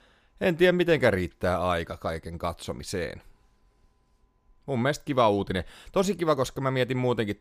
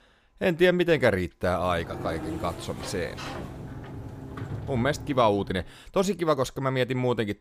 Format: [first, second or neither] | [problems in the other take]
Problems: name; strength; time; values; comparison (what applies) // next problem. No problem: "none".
first | door banging; noticeable; from 1.5 to 5.5 s; peak 8 dB below the speech